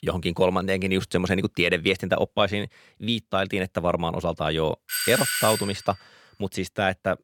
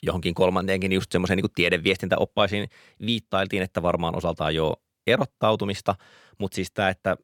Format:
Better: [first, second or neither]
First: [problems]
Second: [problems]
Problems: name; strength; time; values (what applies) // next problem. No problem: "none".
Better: second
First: doorbell; loud; at 5 s; peak 1 dB above the speech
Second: none